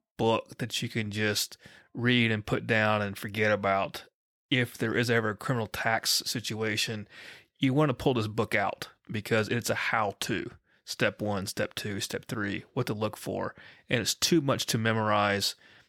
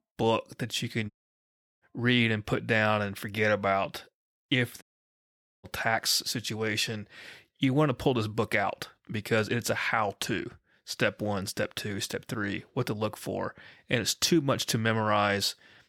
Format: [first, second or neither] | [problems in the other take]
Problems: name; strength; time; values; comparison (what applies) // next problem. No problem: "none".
first | audio cutting out; at 1 s for 0.5 s and at 5 s for 1 s